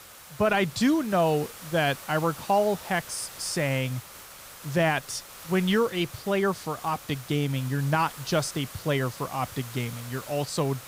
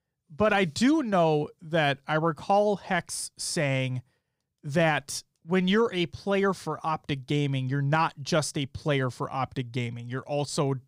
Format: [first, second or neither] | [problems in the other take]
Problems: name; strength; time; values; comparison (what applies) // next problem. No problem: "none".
second | hiss; noticeable; throughout; 15 dB below the speech